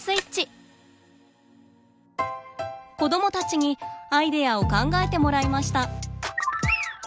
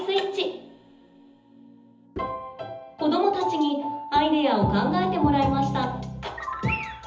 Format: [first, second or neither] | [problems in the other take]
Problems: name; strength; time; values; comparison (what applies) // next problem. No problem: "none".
first | background sound (Bowed string instrument); 20 dB below the speech // room echo; dies away in 0.7 s